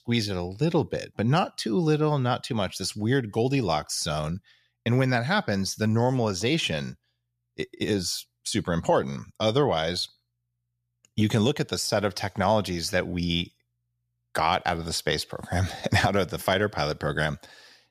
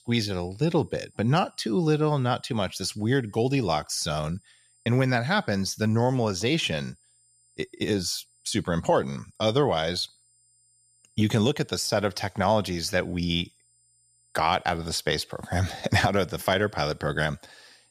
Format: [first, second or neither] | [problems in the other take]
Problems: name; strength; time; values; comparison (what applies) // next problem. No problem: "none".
first | high-pitched whine; faint; throughout; 9 kHz, 35 dB below the speech